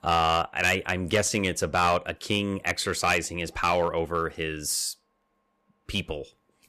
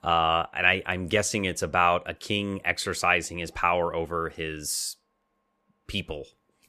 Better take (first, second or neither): second